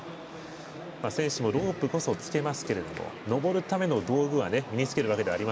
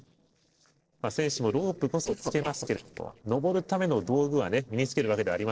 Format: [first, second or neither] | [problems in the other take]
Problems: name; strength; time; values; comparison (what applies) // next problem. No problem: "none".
first | noise reduction (neural separator model SepFormer DNS4)